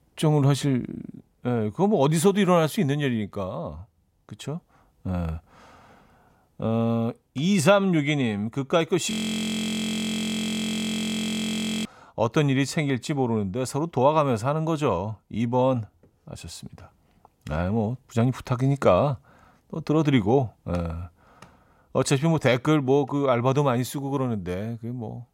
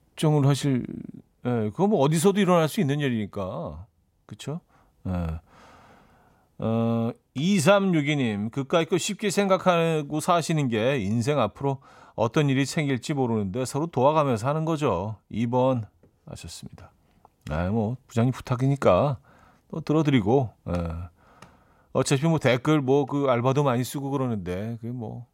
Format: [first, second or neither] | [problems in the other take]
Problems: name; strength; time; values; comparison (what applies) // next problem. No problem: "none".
second | audio freezing; at 9 s for 2.5 s